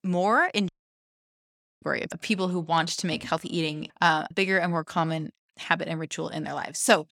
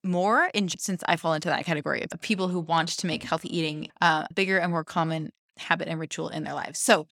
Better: second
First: audio cutting out; at 0.5 s for 1 s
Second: none

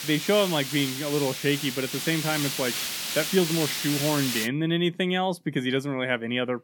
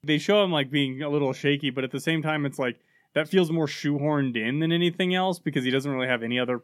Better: second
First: hiss; loud; until 4.5 s; 3 dB below the speech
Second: none

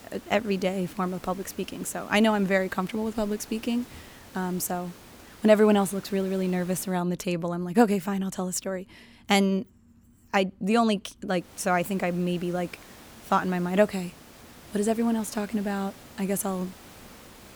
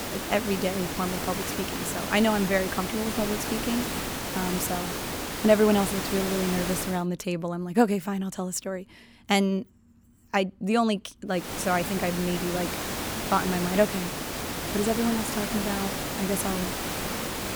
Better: first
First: hiss; faint; until 7 s and from 11 s on; 20 dB below the speech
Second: hiss; loud; until 7 s and from 11 s on; 3 dB below the speech

